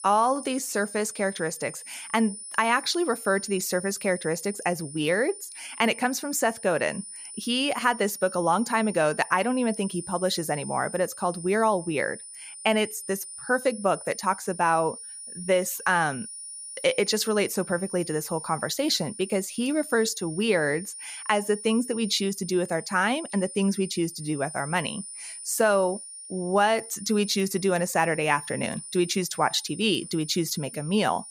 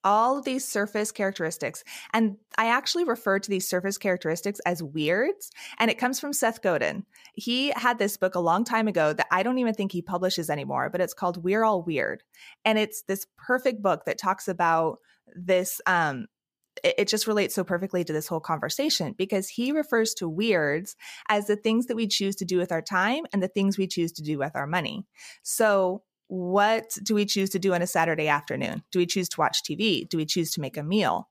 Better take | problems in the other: second | high-pitched whine; noticeable; throughout; 9.5 kHz, 10 dB below the speech

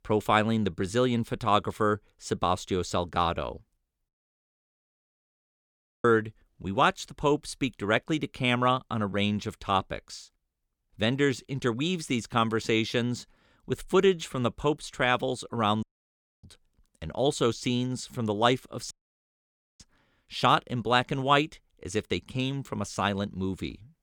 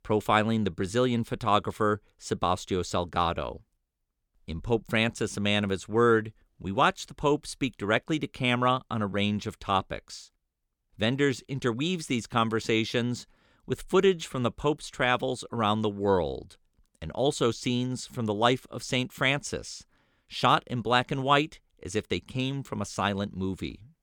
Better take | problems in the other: second | audio cutting out; at 4 s for 2 s, at 16 s for 0.5 s and at 19 s for 1 s

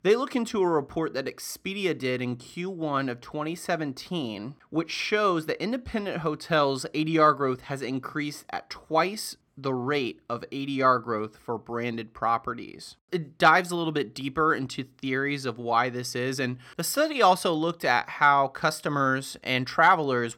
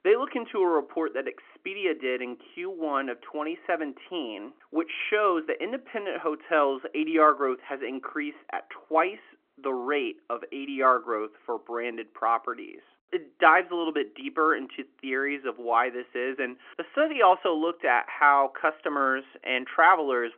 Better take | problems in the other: first | phone-call audio

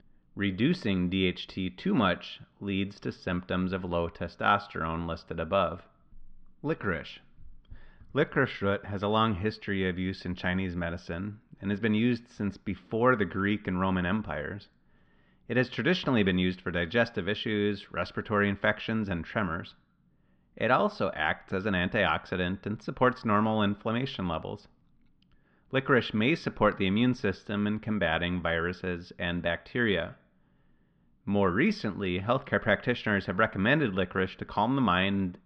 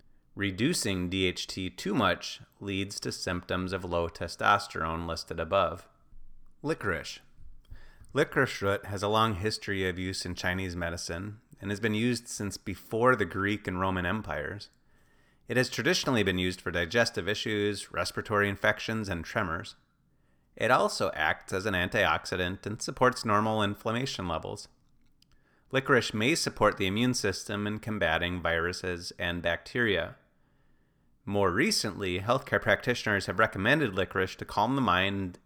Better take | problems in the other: second | muffled; slightly; fading above 3.5 kHz

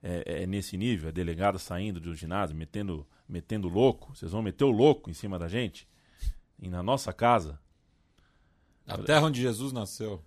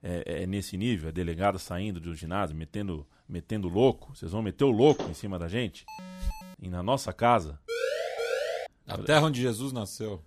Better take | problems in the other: first | door banging; noticeable; at 5 s; peak 10 dB below the speech // alarm; faint; at 6 s; peak 15 dB below the speech // siren; noticeable; at 7.5 s; peak 2 dB below the speech

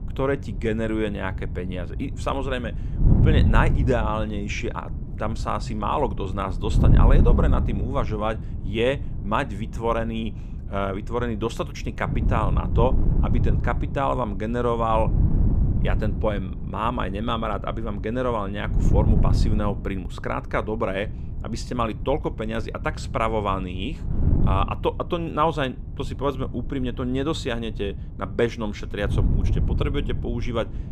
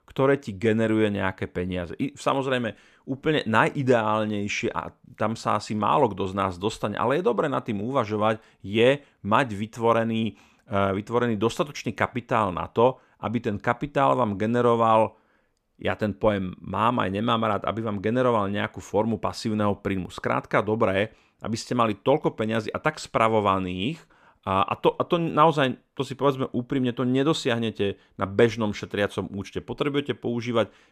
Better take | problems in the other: second | wind noise on the microphone; occasional gusts; 10 dB below the speech

